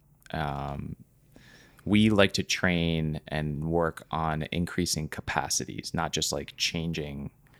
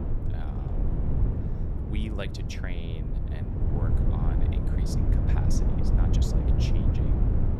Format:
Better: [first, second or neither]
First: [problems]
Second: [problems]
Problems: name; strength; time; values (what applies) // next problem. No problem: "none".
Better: first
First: none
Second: wind noise on the microphone; heavy; 4 dB above the speech